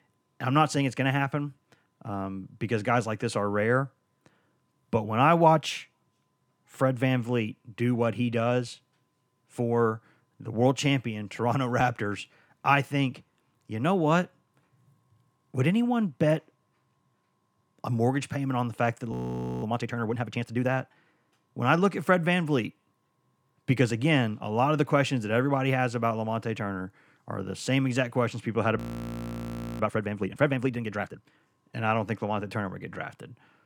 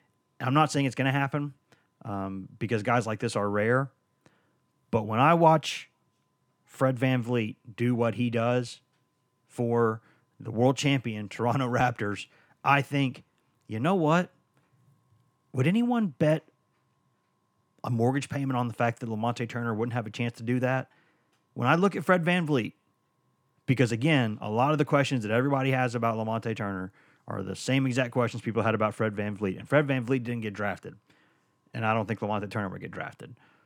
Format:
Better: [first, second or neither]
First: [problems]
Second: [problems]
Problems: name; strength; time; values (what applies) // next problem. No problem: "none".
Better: second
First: audio freezing; at 19 s for 0.5 s and at 29 s for 1 s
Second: none